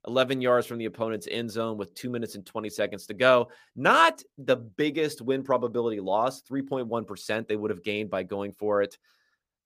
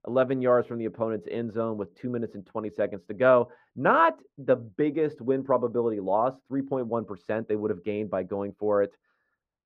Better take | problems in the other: first | muffled; very; fading above 3.5 kHz

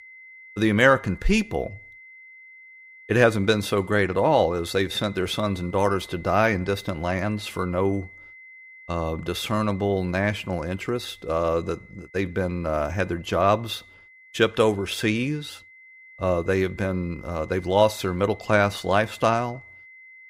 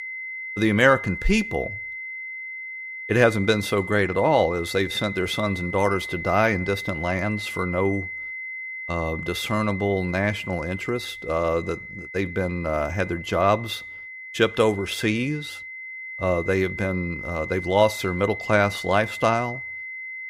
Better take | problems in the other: first | high-pitched whine; loud; throughout; 2 kHz, 9 dB below the speech; faint in the first

